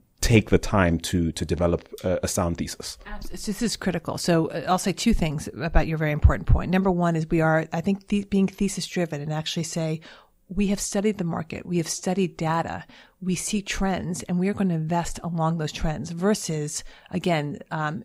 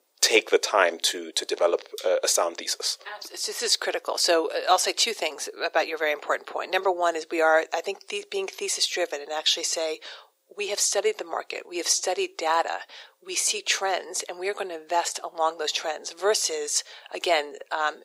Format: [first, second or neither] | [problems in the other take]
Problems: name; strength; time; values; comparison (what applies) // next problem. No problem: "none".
first | thin; very; fading below 400 Hz